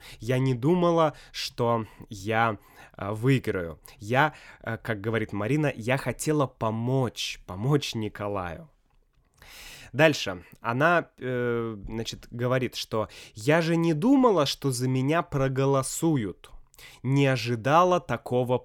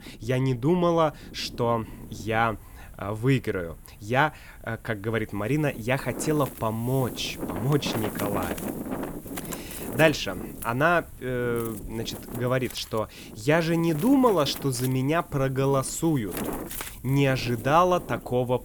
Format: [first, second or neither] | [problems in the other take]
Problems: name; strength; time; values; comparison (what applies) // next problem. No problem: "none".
first | wind noise on the microphone; occasional gusts; 15 dB below the speech